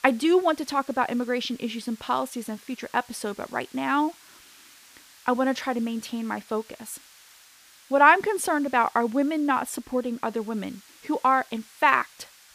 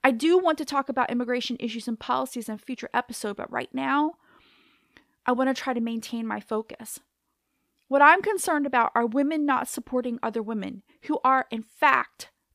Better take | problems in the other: second | hiss; faint; throughout; 25 dB below the speech

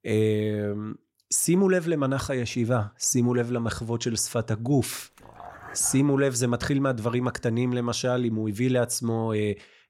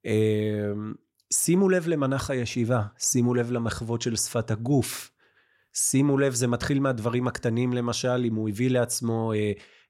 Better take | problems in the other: second | dog barking; faint; at 5 s; peak 15 dB below the speech

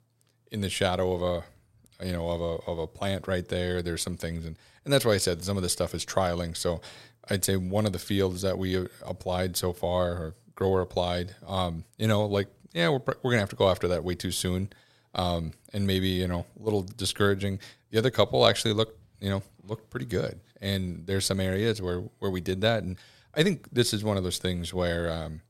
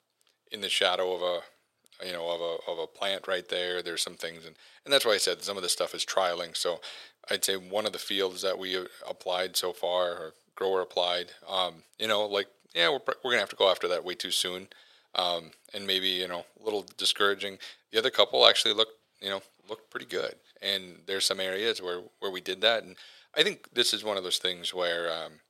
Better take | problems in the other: first | thin; very; fading below 500 Hz

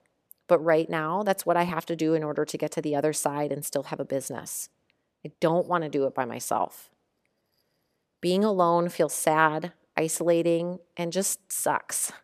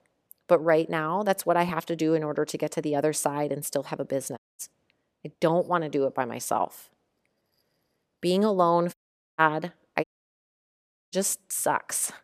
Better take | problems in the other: first | audio cutting out; at 4.5 s, at 9 s and at 10 s for 1 s

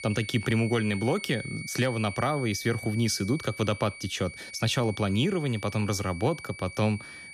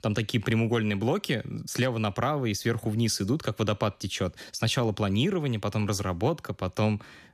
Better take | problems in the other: second | high-pitched whine; noticeable; throughout; 2.5 kHz, 10 dB below the speech

